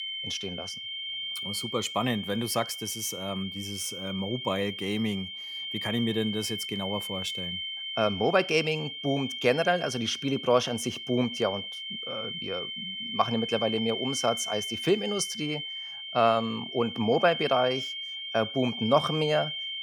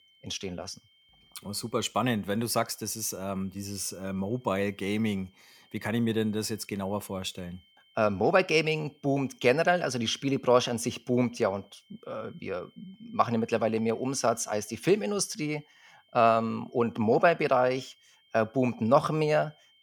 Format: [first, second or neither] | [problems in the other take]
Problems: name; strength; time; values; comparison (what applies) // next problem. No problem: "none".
second | high-pitched whine; loud; throughout; 3 kHz, 5 dB below the speech; faint in the second